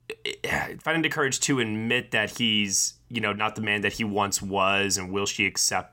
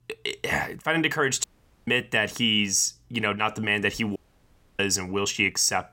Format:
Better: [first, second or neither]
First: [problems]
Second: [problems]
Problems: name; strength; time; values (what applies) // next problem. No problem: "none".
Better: first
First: none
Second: audio cutting out; at 1.5 s and at 4 s for 0.5 s